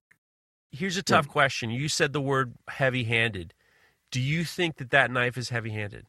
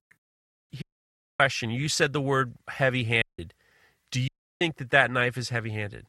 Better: first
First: none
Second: audio cutting out; at 1 s for 0.5 s, at 3 s and at 4.5 s

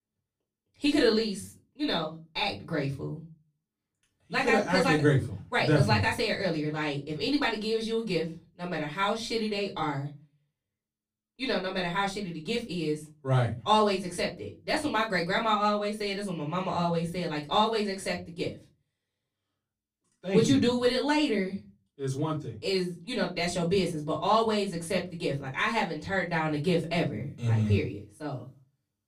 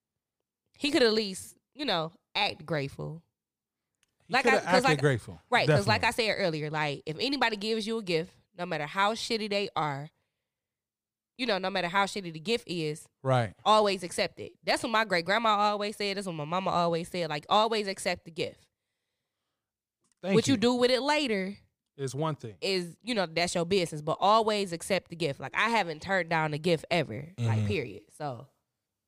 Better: second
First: off-mic speech; far // room echo; very slight; dies away in 0.3 s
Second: none

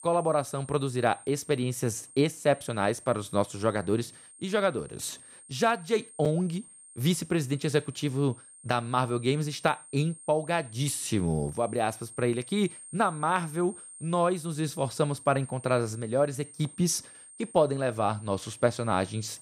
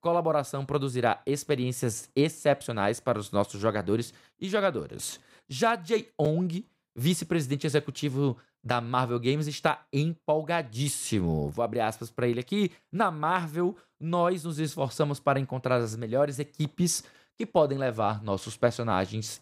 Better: second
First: high-pitched whine; noticeable; throughout; 8.5 kHz, 15 dB below the speech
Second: none

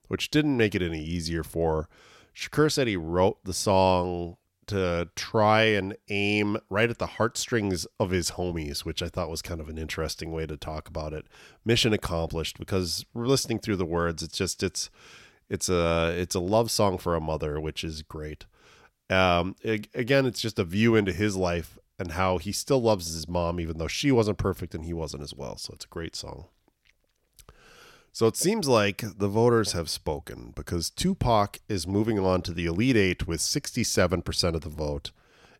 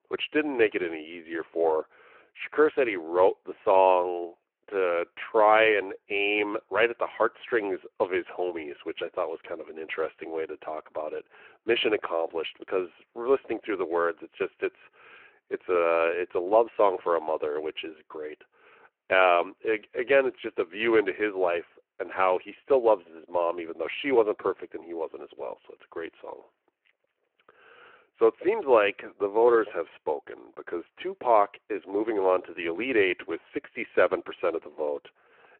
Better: first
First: none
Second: phone-call audio

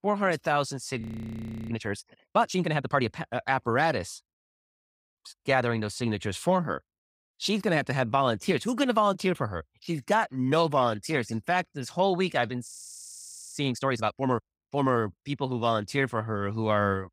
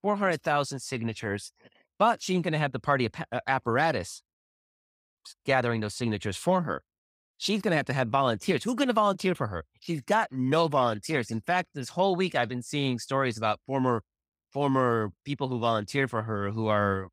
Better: second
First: audio freezing; at 1 s for 0.5 s and at 13 s for 1 s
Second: none

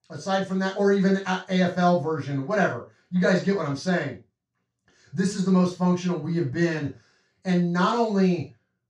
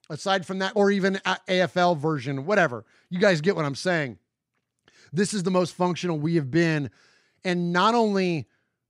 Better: second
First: room echo; slight; dies away in 0.3 s // off-mic speech; far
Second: none

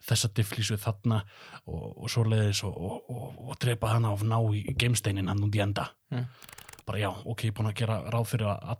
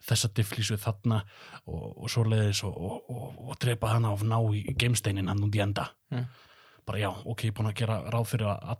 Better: second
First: keyboard typing; faint; at 6.5 s; peak 15 dB below the speech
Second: none

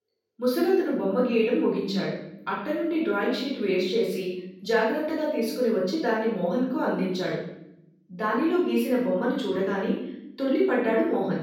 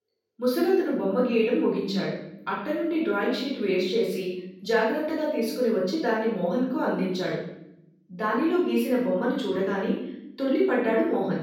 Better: neither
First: room echo; noticeable; dies away in 0.7 s // off-mic speech; far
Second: room echo; noticeable; dies away in 0.7 s // off-mic speech; far

